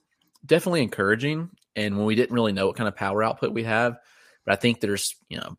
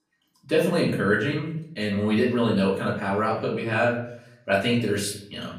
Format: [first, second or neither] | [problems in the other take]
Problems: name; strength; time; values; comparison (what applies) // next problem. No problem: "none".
first | off-mic speech; far // room echo; slight; dies away in 0.6 s